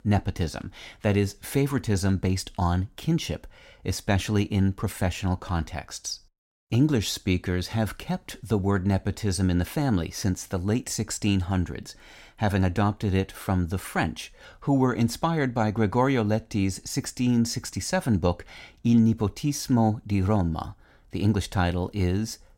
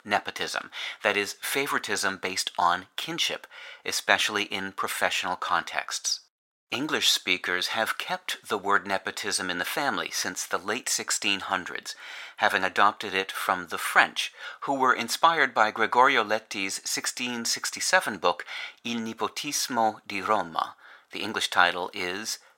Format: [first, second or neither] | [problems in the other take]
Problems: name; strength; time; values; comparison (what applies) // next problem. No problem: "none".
first | thin; very; fading below 600 Hz